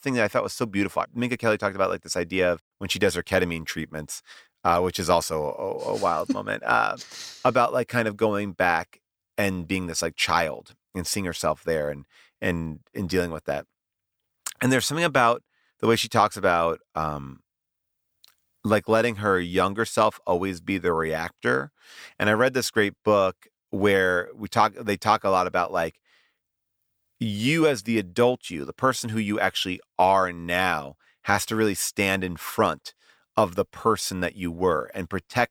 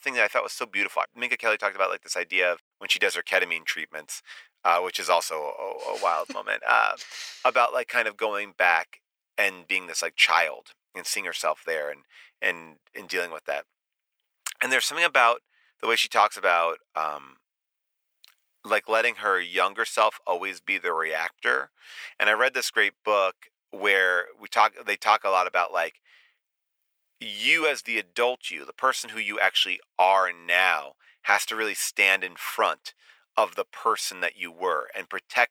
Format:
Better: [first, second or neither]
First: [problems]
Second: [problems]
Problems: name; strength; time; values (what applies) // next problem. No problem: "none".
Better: first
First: none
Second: thin; very; fading below 650 Hz